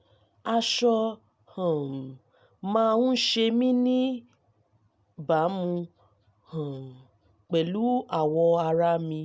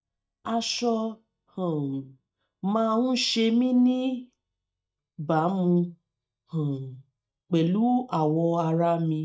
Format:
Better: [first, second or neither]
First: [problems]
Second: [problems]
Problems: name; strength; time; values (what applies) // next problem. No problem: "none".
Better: first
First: none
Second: noise reduction (neural mask model DeepFilterNet 3)